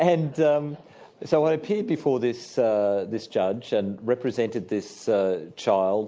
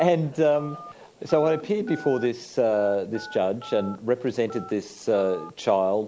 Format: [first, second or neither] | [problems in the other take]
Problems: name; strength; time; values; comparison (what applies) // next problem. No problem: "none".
first | background sound (Telephone); 19 dB below the speech